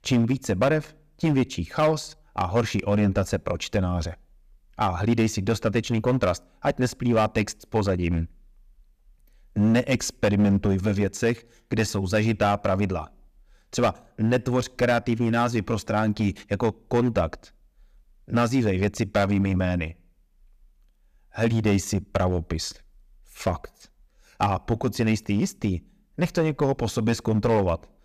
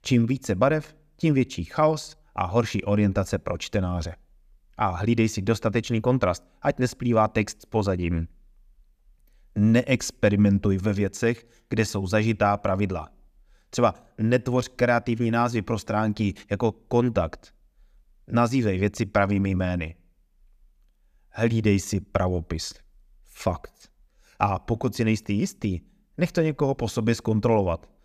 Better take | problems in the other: second | distortion; slight; 5% of the sound clipped

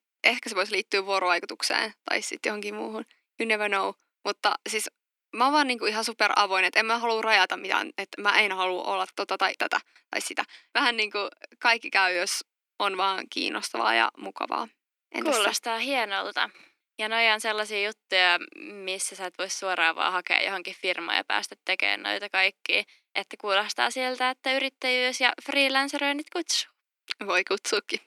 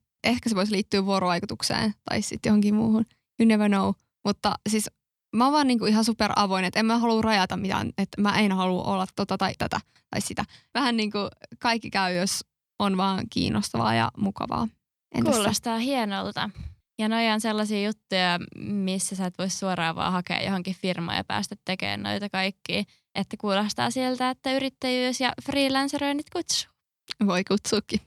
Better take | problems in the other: second | thin; very; fading below 300 Hz

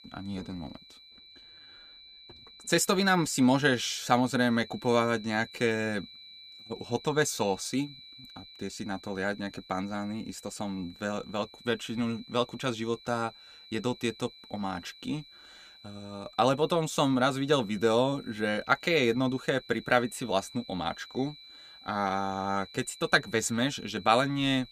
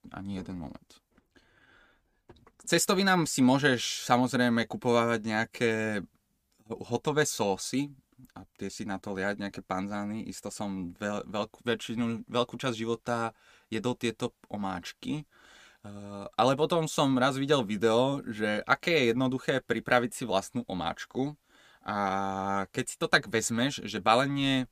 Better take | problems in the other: second | high-pitched whine; noticeable; throughout; 4 kHz, 20 dB below the speech

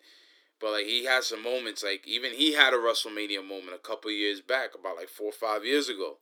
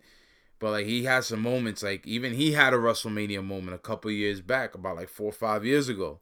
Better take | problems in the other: second | thin; somewhat; fading below 300 Hz

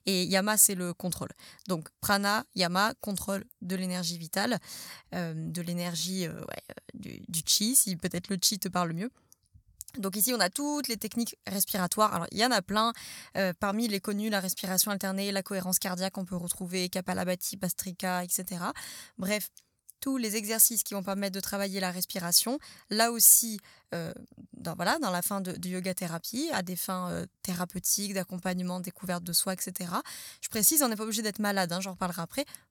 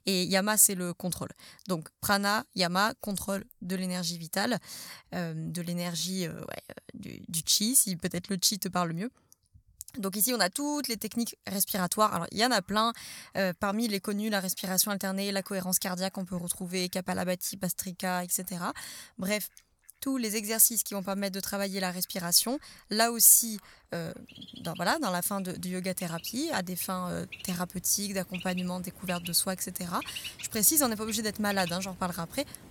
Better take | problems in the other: first | animal sounds; noticeable; throughout; 15 dB below the speech

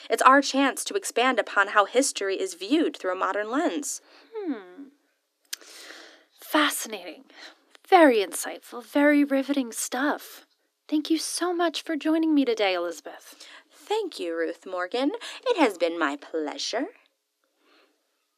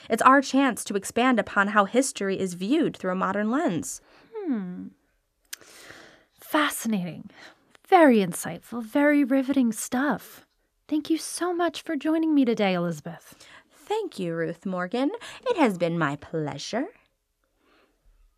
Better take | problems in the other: second | thin; very slightly; fading below 300 Hz

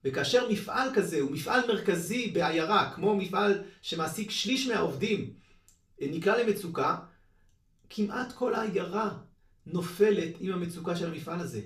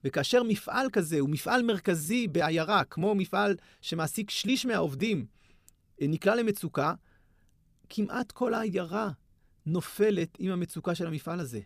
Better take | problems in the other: second | room echo; slight; dies away in 0.3 s // off-mic speech; somewhat distant

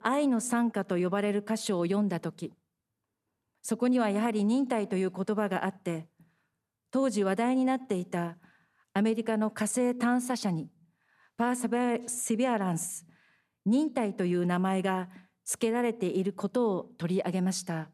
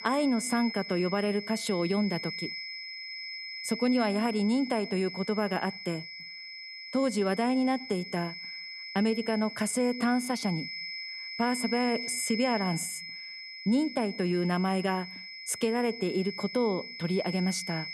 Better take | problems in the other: first | high-pitched whine; loud; throughout; 2 kHz, 8 dB below the speech

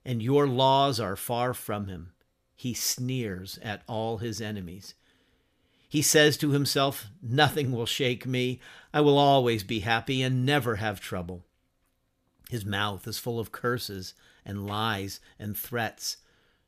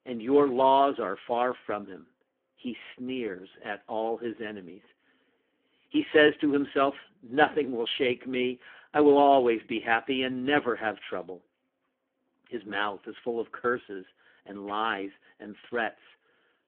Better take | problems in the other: first | phone-call audio; poor line

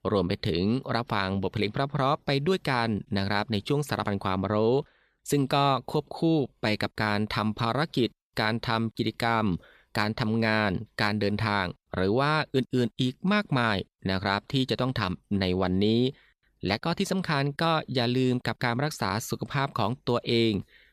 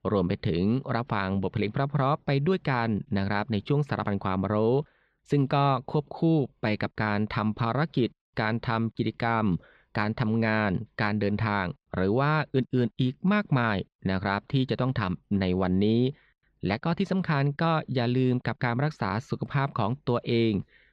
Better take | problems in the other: first | muffled; slightly; fading above 3 kHz

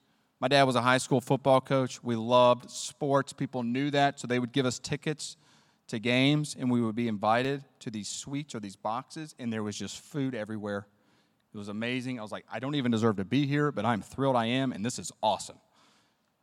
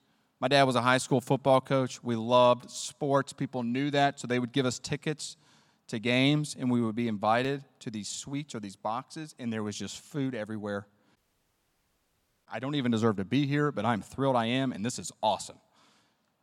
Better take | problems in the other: first | audio cutting out; at 11 s for 1.5 s

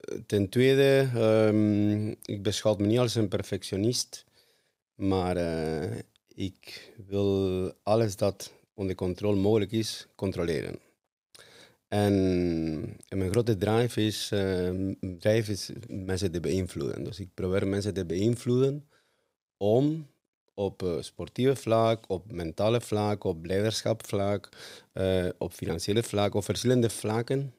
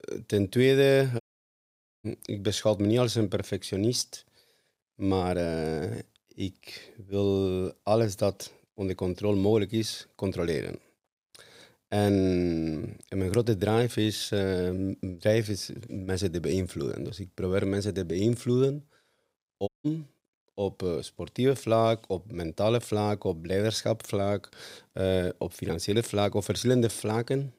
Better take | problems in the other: first | audio cutting out; at 1 s for 1 s and at 20 s

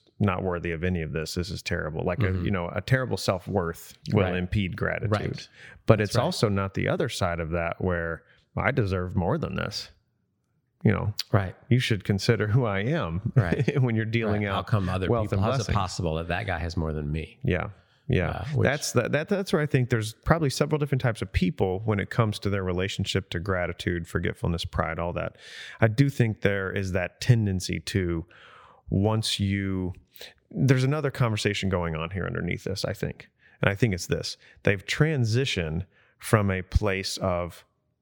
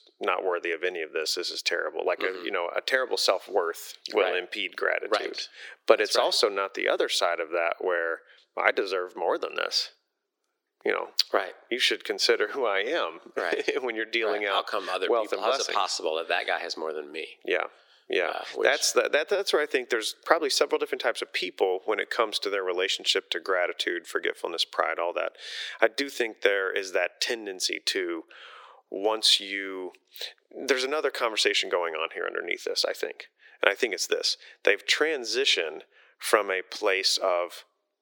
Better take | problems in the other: first | thin; very; fading below 350 Hz

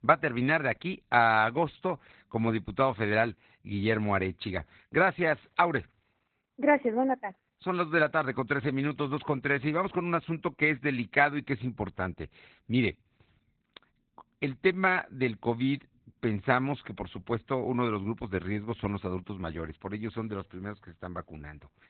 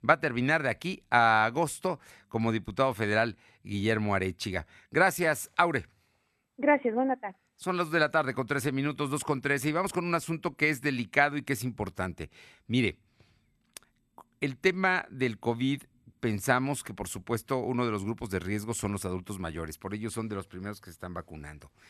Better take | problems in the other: second | garbled, watery; badly; nothing above 4 kHz

